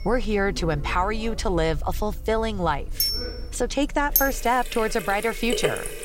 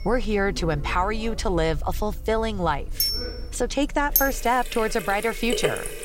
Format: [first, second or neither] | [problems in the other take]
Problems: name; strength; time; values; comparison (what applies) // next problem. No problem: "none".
neither | household noises; loud; throughout; 4 dB below the speech; the same in both